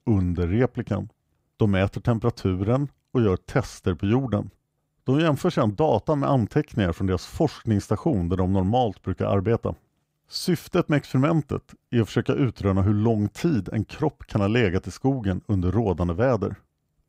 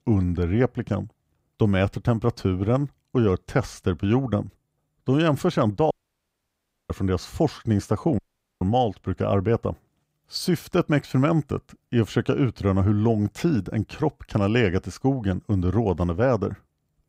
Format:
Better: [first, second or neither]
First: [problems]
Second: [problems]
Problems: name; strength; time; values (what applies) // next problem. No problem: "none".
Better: first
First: none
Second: audio cutting out; at 6 s for 1 s and at 8 s